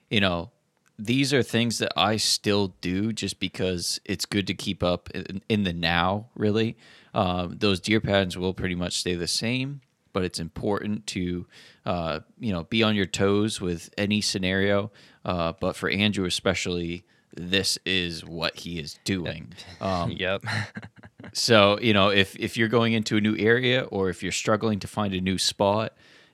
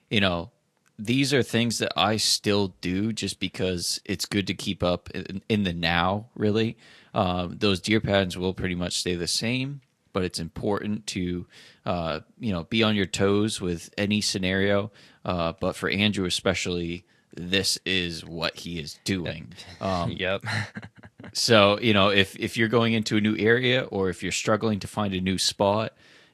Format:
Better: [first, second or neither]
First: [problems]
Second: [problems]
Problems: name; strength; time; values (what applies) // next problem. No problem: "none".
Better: first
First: none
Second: garbled, watery; slightly; nothing above 12.5 kHz